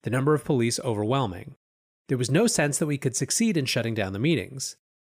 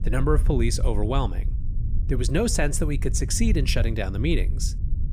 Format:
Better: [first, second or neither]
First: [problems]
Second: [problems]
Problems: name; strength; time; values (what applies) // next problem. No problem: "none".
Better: first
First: none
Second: low rumble; noticeable; throughout; 15 dB below the speech